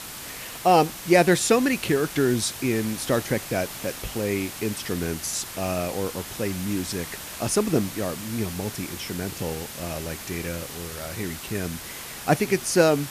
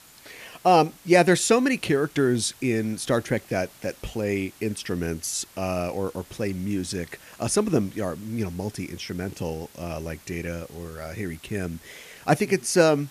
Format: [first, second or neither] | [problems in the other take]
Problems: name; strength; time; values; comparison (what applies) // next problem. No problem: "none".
second | hiss; loud; throughout; 10 dB below the speech; faint in the second